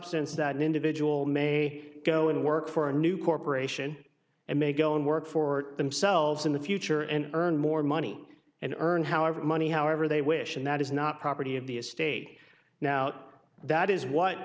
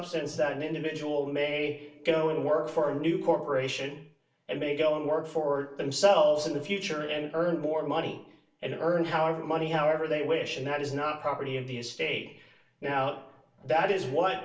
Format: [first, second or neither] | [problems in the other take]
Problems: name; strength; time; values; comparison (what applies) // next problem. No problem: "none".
first | room echo; dies away in 0.3 s